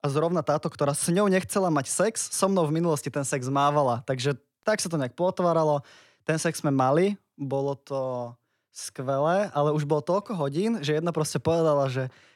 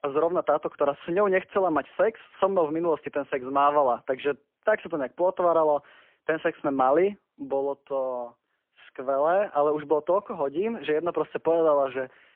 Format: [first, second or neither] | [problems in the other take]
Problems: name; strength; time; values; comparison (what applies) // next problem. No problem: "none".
first | phone-call audio; poor line; nothing above 3.5 kHz